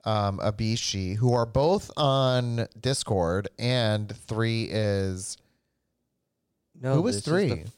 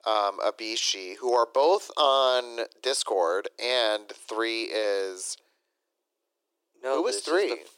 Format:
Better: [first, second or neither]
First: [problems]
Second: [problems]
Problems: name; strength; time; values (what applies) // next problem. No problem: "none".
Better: first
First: none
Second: thin; very; fading below 350 Hz